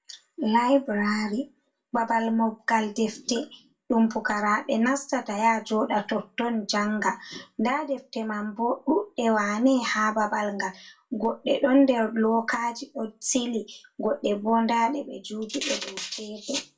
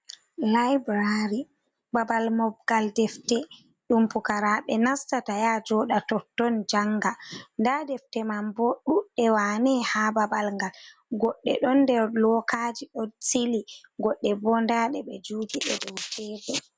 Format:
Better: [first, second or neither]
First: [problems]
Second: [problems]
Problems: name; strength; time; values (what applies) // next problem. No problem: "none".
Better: second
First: room echo; dies away in 0.2 s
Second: none